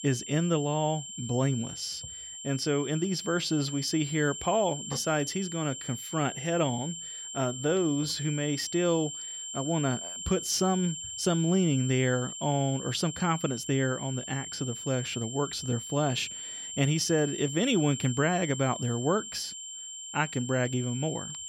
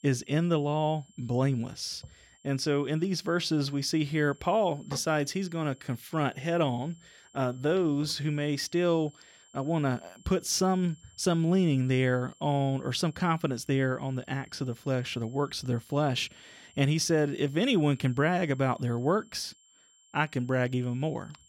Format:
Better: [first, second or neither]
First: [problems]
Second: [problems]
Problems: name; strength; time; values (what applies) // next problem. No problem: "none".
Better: second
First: high-pitched whine; loud; throughout; 7.5 kHz, 8 dB below the speech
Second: high-pitched whine; faint; throughout; 7.5 kHz, 30 dB below the speech